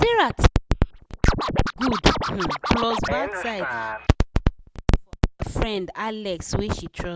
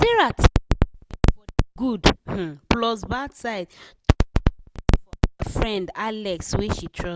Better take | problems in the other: second | background sound (Scratching (performance technique)); 5 dB below the speech

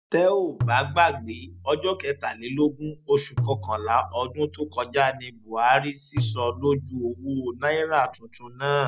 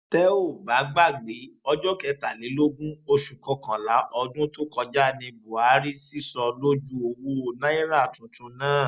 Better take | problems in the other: second | background sound (Tabla); 9 dB below the speech

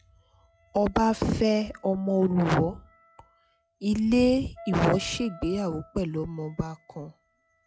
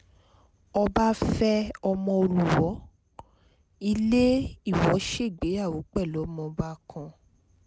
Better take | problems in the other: second | noise reduction (classical method log-MMSE)

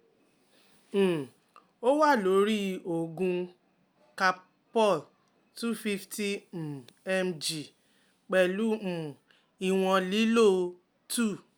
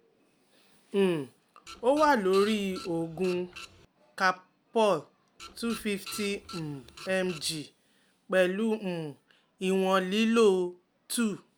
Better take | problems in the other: first | background sound (Printer); 17 dB below the speech

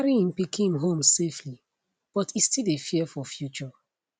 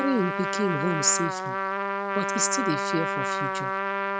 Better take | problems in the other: first | background sound (Trumpet); 1 dB above the speech

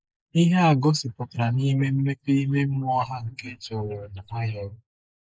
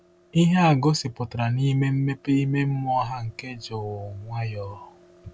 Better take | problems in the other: second | noise reduction (neural mask model Resemble Enhance denoiser)

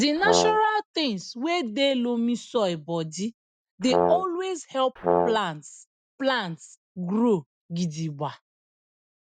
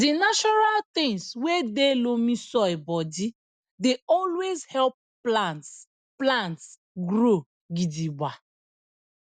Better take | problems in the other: second | noise reduction (neural mask model RNNoise)

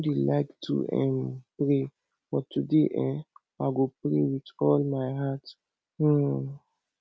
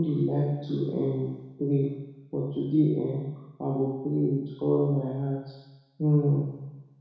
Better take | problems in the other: first | room echo; dies away in 1.1 s

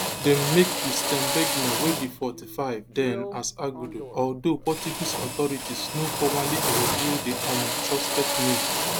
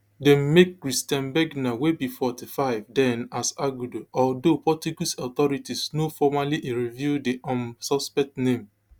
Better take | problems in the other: second | background sound (Drill); 1 dB below the speech

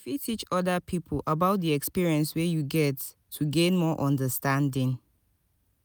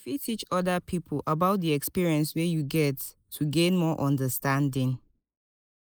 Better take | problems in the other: first | noise reduction (neural mask model Resemble Enhance denoiser)

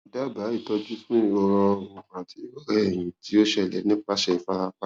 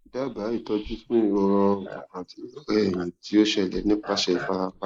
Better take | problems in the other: first | noise reduction (neural mask model Resemble Enhance denoiser)

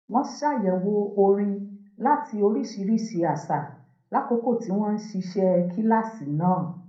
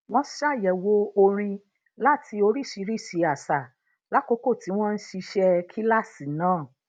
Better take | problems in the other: second | room echo; dies away in 0.6 s

